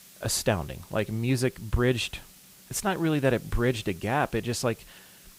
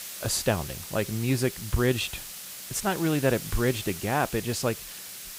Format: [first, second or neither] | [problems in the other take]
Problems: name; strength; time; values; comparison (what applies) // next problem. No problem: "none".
first | hiss; loud; throughout; 9 dB below the speech; faint in the first